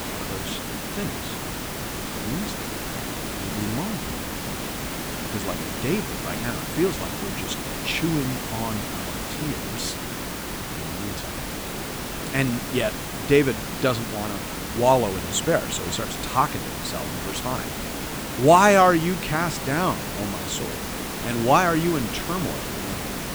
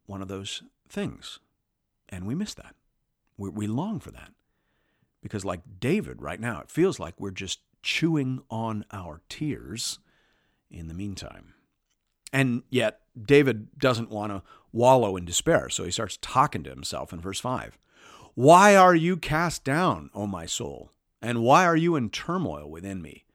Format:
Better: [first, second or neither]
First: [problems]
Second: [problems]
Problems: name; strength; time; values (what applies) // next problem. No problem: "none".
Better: second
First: hiss; loud; throughout; 5 dB below the speech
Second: none